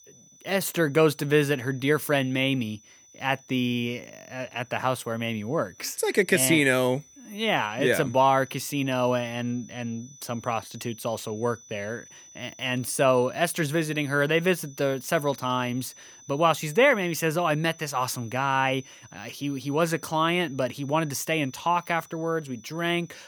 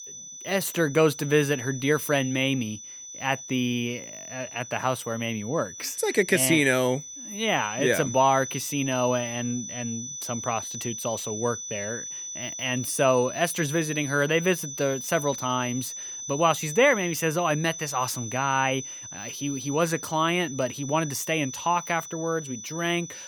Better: first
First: high-pitched whine; faint; throughout; 6 kHz, 25 dB below the speech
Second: high-pitched whine; loud; throughout; 6 kHz, 9 dB below the speech

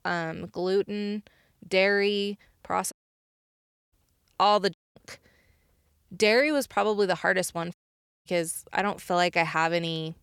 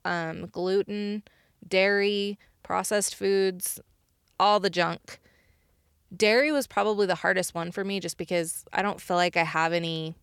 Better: second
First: audio cutting out; at 3 s for 1 s, at 4.5 s and at 7.5 s for 0.5 s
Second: none

